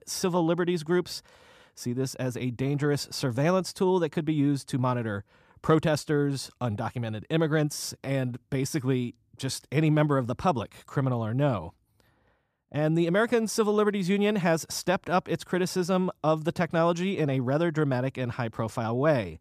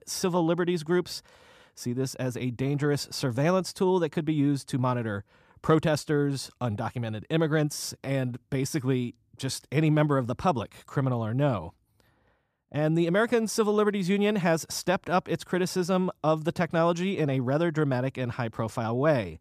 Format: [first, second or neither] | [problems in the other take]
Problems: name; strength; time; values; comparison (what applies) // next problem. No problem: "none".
neither | none